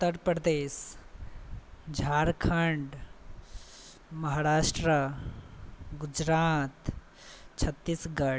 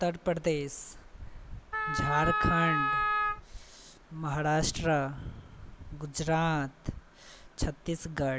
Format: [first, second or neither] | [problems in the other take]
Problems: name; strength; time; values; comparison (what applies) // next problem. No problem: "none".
first | background sound (Wind instrument, woodwind instrument); 2 dB above the speech